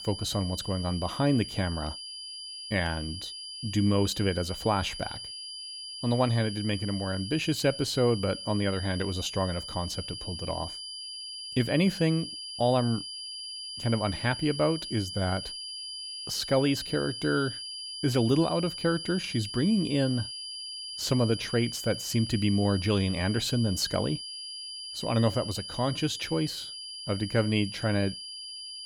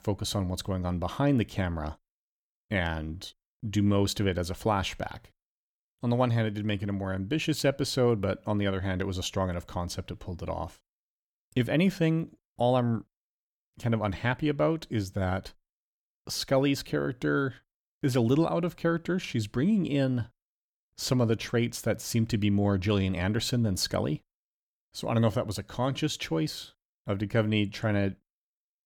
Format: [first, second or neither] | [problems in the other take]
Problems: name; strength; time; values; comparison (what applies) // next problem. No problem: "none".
second | high-pitched whine; loud; throughout; 5 kHz, 8 dB below the speech